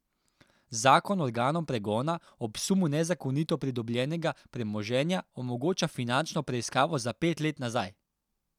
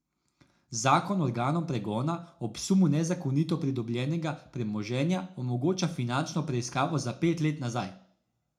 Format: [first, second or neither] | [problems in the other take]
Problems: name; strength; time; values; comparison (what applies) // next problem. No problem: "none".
first | room echo; dies away in 0.3 s